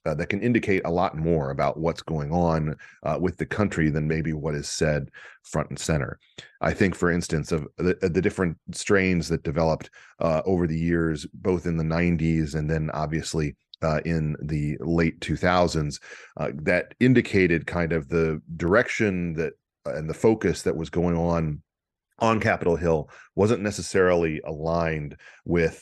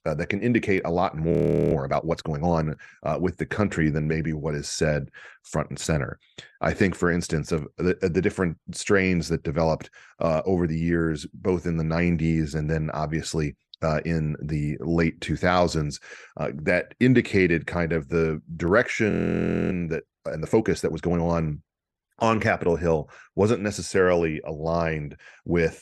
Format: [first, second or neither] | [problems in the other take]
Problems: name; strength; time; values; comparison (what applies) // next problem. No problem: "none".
first | audio freezing; at 1.5 s and at 19 s for 0.5 s